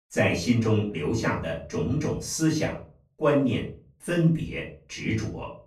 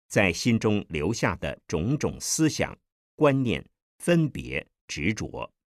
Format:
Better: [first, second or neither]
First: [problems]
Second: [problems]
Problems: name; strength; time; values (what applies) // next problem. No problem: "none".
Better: second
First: off-mic speech; far // room echo; slight; dies away in 0.4 s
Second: none